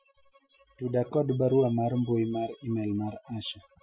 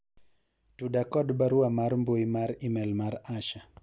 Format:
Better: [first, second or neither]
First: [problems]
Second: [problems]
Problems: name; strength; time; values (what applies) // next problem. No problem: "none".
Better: second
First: noise reduction (classical method Wiener filter)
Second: none